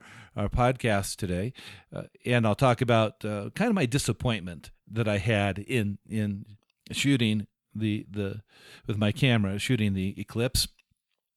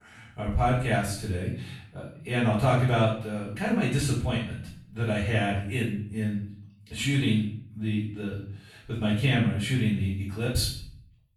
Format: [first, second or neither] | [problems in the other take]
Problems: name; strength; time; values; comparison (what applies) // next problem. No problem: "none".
first | off-mic speech; far // room echo; noticeable; dies away in 0.5 s